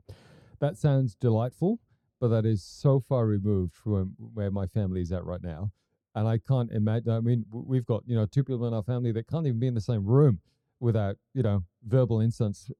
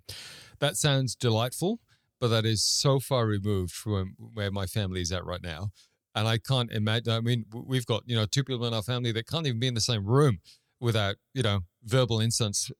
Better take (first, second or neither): second